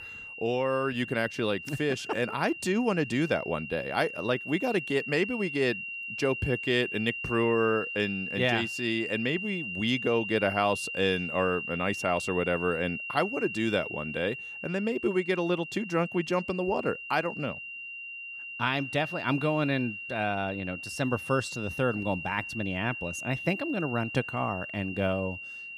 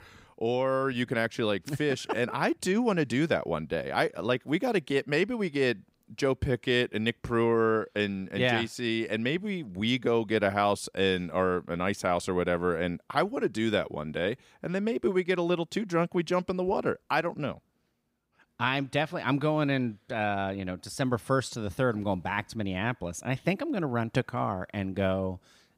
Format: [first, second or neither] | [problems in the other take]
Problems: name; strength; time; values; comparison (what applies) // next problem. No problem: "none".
second | high-pitched whine; loud; throughout; 3 kHz, 7 dB below the speech